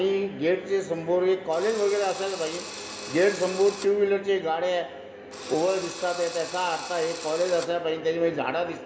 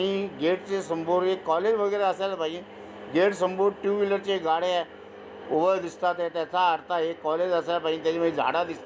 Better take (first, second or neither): second